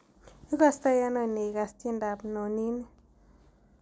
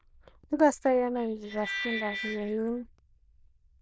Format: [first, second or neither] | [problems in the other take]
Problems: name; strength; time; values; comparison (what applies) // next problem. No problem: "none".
first | noise reduction (neural diffusion model UNIVERSE++)